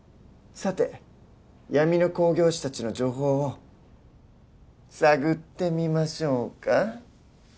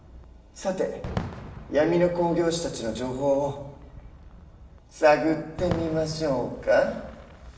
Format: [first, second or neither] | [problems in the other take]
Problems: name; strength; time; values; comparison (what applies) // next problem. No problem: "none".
first | background sound (Fireworks); 14 dB below the speech // room echo; dies away in 0.9 s